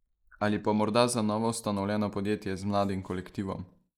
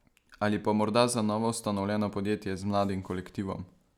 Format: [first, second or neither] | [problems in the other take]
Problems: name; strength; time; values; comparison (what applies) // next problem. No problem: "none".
second | noise reduction (neural mask model Resemble Enhance denoiser)